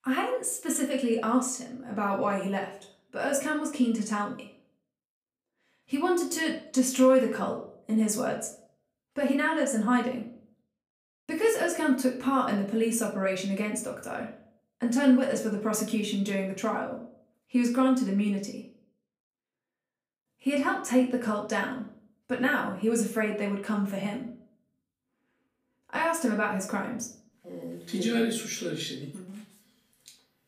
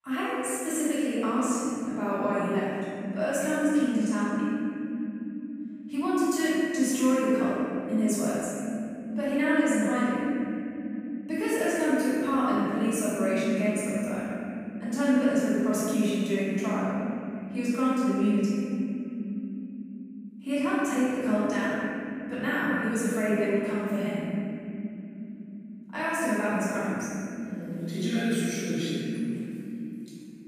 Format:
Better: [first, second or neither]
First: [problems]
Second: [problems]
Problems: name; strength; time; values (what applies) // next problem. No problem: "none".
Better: first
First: room echo; slight; dies away in 0.4 s // off-mic speech; far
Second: room echo; strong; dies away in 3 s // off-mic speech; far